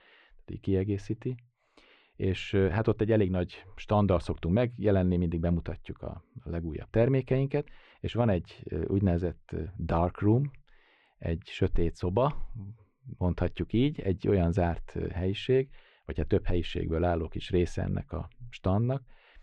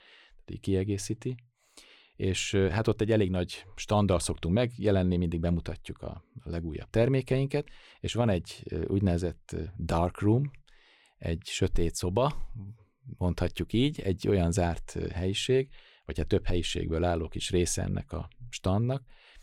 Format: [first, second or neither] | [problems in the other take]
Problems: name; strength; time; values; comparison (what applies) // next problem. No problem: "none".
second | muffled; very; fading above 2.5 kHz